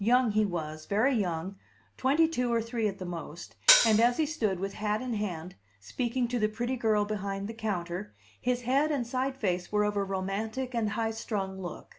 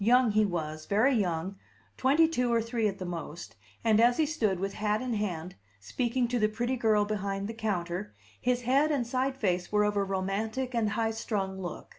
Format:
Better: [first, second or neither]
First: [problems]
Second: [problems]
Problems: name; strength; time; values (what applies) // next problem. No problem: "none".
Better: second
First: background sound (Hi-hat); 3 dB above the speech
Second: none